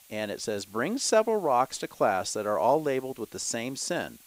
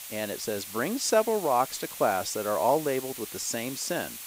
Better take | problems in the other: first | hiss; loud; throughout; 10 dB below the speech; faint in the first

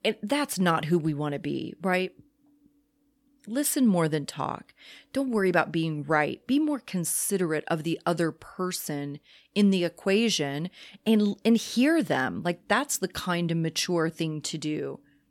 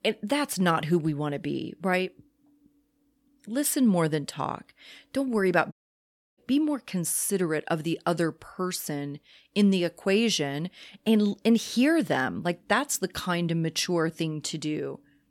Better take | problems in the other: first | audio cutting out; at 5.5 s for 0.5 s

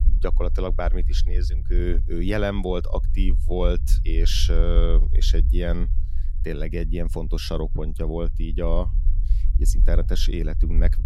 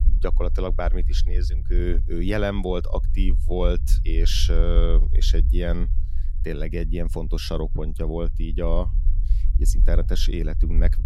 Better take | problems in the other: neither | low rumble; noticeable; throughout; 15 dB below the speech; the same in both

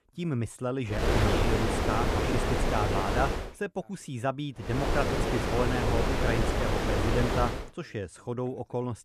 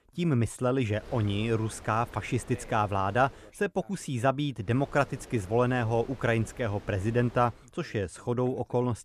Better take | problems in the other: second | wind noise on the microphone; heavy; from 1 to 3.5 s and from 4.5 to 7.5 s; 3 dB above the speech; occasional gusts in the second

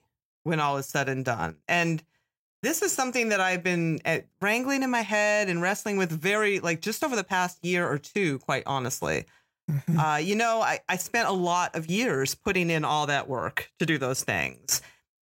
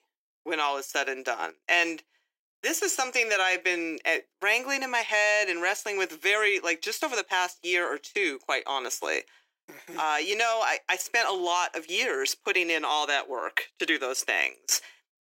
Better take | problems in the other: first | thin; very; fading below 350 Hz

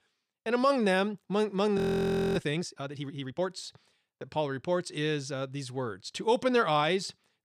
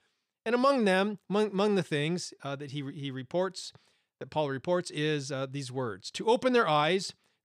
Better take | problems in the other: second | audio freezing; at 2 s for 0.5 s

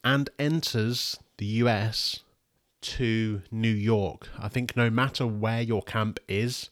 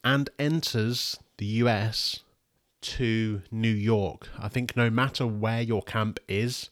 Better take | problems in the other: neither | none

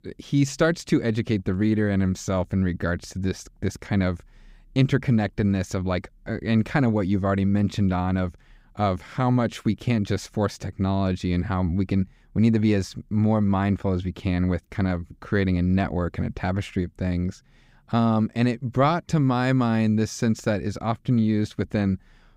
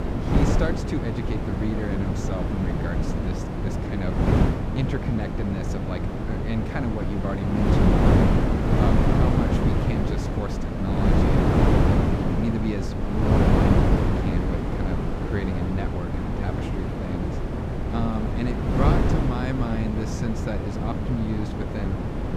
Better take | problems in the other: first | wind noise on the microphone; heavy; 5 dB above the speech

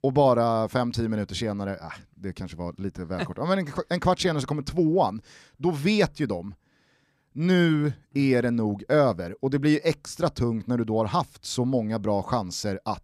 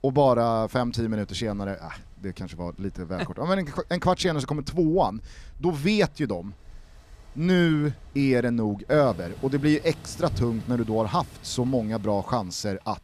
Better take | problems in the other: first | rain or running water; faint; throughout; 20 dB below the speech

